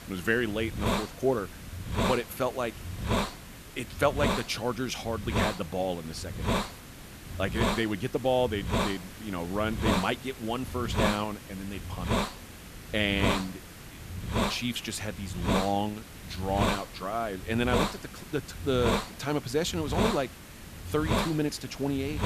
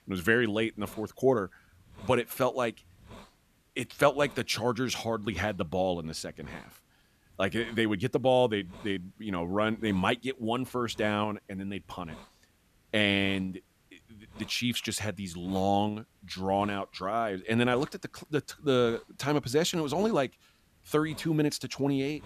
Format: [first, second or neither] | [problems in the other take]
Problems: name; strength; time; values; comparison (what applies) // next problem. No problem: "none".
second | hiss; loud; throughout; 1 dB below the speech; faint in the second